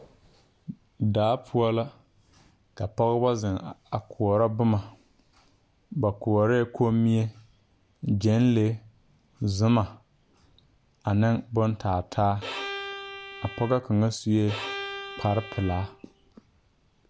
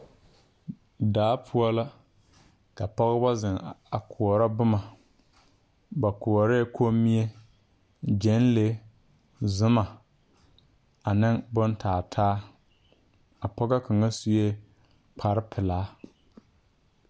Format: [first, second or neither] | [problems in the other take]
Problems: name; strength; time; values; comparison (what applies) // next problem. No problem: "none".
second | background sound (Bowed string instrument); 11 dB below the speech